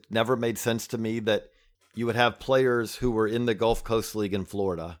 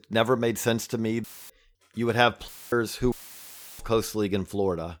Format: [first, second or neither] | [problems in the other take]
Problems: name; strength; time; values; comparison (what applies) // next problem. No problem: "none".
first | audio cutting out; filled with static; at 1 s, at 2.5 s and at 3 s for 0.5 s